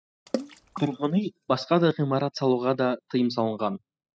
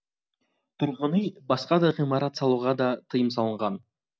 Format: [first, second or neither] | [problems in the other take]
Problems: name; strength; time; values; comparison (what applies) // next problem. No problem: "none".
second | noise reduction (classical method spectral subtraction)